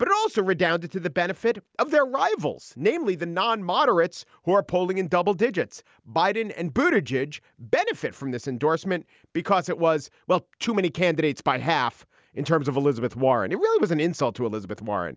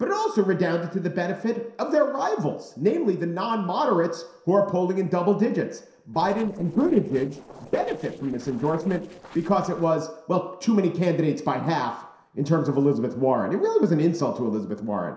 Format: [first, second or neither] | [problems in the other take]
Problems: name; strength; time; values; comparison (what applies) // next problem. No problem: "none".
first | noise reduction (neural separator model SepFormer DNS4)